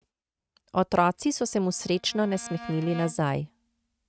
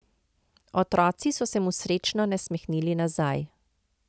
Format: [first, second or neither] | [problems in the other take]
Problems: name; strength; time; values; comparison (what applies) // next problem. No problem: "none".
second | noise reduction (neural mask model RNNoise)